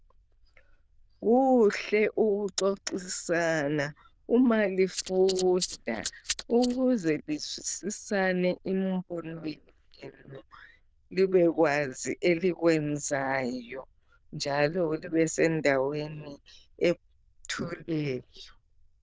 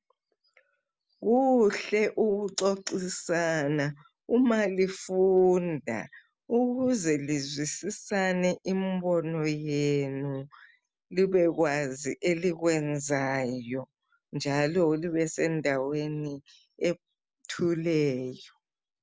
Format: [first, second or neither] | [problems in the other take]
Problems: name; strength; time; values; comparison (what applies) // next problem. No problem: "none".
second | noise reduction (neural diffusion model UNIVERSE++)